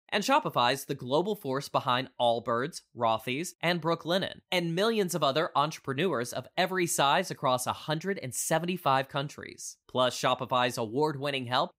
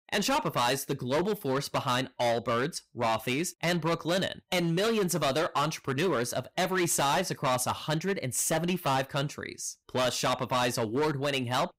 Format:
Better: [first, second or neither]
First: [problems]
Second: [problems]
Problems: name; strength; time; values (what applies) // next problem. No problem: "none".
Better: first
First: none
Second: distortion; heavy; 16% of the sound clipped